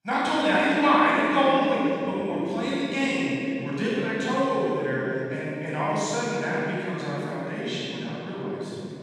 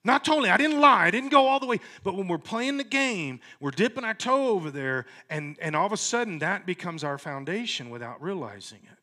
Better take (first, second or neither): second